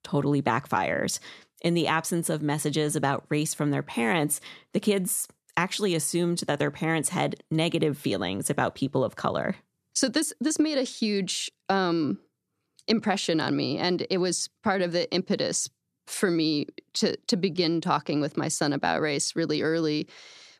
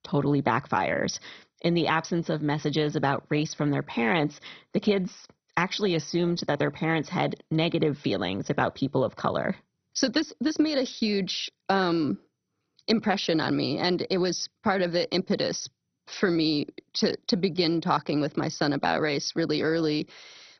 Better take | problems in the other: first | garbled, watery; badly; nothing above 6 kHz

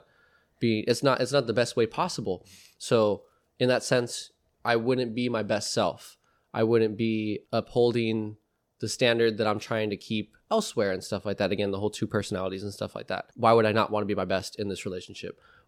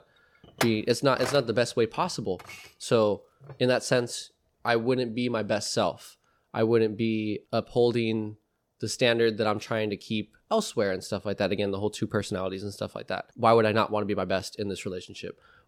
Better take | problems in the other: first | clattering dishes; noticeable; at 0.5 s; peak 4 dB below the speech

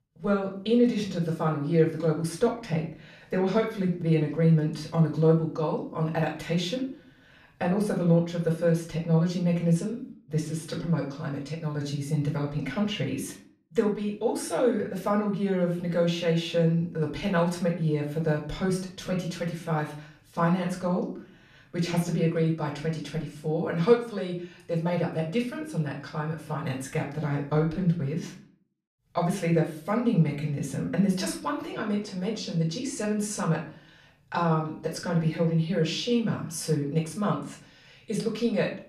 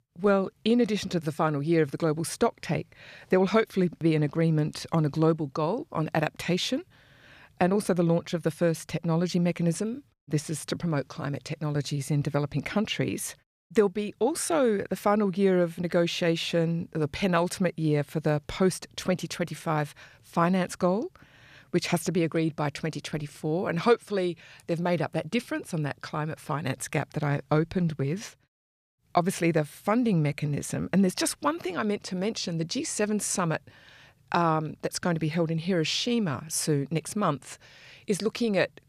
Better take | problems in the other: second | off-mic speech; far // room echo; slight; dies away in 0.4 s

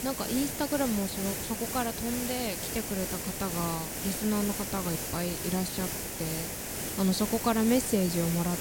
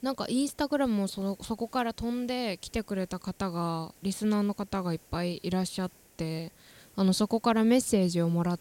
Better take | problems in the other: second | hiss; loud; throughout; 2 dB below the speech; faint in the second

